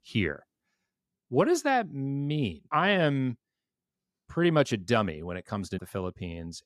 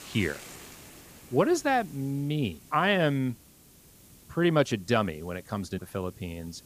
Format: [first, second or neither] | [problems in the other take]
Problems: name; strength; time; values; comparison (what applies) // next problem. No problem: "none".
first | hiss; faint; throughout; 20 dB below the speech